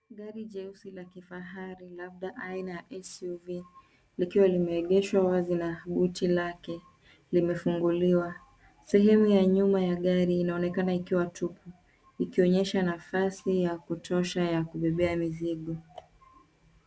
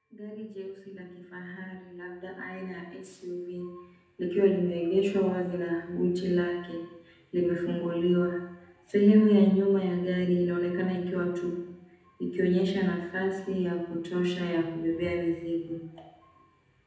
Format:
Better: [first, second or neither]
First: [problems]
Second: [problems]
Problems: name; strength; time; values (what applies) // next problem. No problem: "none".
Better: first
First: none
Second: room echo; dies away in 0.9 s